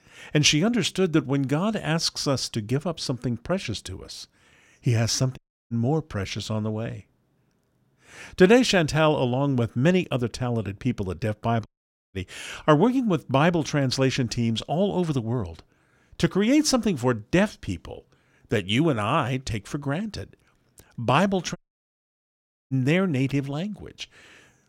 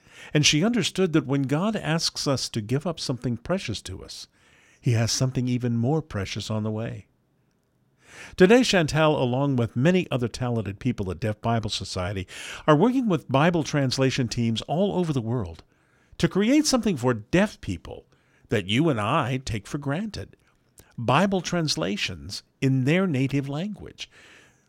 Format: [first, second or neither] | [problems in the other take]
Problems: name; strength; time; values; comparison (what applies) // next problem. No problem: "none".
second | audio cutting out; at 5.5 s, at 12 s and at 22 s for 1 s